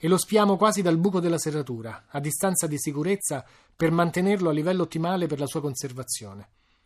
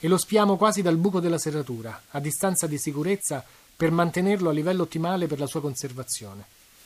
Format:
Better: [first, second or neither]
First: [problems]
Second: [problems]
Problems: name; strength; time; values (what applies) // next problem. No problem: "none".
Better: first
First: none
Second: hiss; faint; throughout; 25 dB below the speech